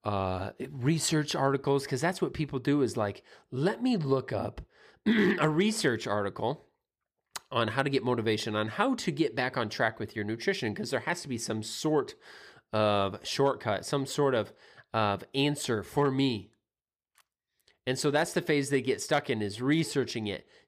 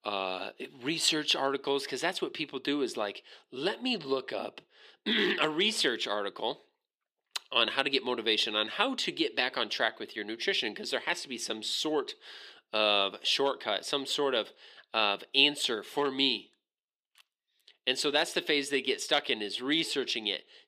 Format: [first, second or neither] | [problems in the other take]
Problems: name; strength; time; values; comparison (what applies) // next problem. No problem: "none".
first | thin; very slightly; fading below 250 Hz